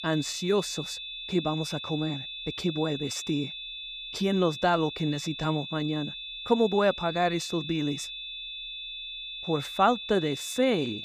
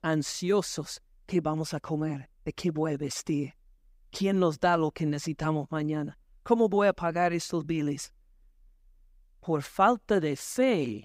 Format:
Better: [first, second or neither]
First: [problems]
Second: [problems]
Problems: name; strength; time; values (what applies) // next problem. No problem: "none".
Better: second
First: high-pitched whine; loud; throughout; 3.5 kHz, 8 dB below the speech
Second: none